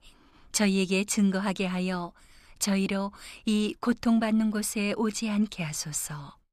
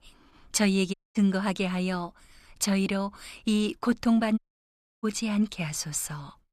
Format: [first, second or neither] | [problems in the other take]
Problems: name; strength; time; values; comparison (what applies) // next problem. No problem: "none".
first | audio cutting out; at 1 s and at 4.5 s for 0.5 s